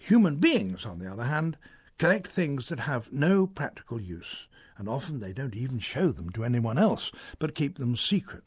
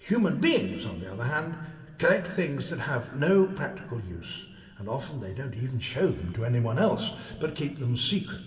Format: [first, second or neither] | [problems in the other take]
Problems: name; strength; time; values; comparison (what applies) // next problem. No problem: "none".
first | room echo; dies away in 2.6 s